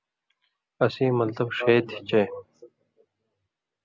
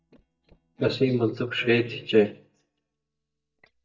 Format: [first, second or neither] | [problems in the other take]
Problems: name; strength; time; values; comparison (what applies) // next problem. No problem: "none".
first | noise reduction (neural mask model DeepFilterNet 3)